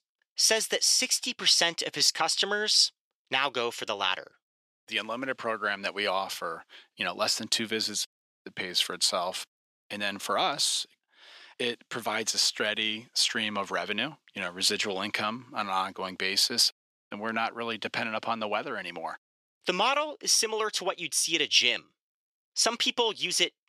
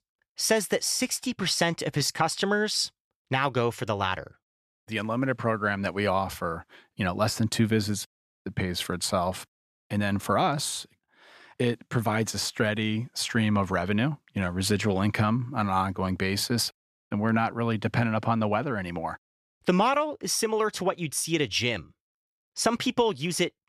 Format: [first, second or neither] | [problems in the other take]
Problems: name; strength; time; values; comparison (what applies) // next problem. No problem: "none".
second | thin; somewhat; fading below 350 Hz